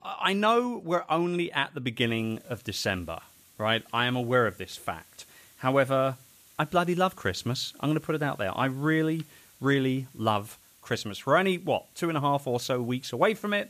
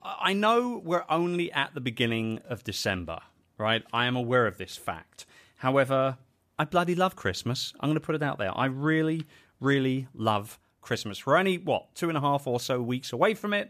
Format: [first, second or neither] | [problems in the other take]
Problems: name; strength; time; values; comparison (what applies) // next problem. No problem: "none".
second | hiss; faint; from 2 s on; 25 dB below the speech